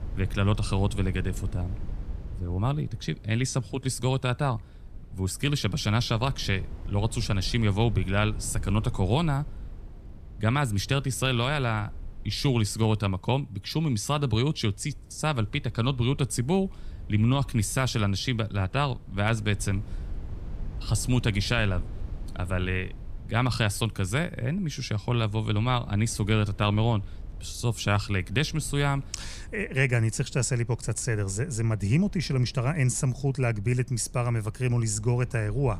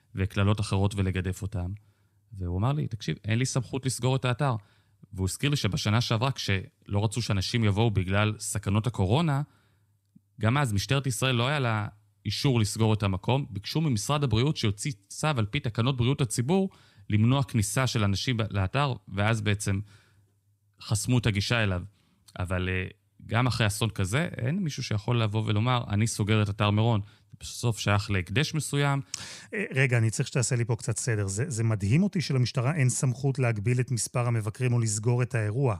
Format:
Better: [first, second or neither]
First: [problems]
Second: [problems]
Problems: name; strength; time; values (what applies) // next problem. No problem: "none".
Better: second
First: low rumble; faint; throughout; 25 dB below the speech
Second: none